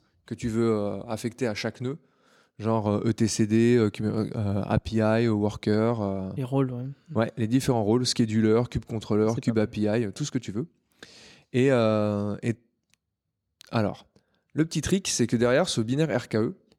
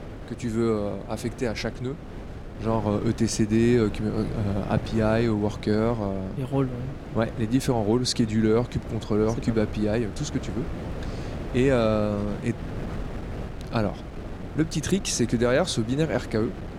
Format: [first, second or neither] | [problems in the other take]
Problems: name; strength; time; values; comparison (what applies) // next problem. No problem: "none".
first | wind noise on the microphone; occasional gusts; 15 dB below the speech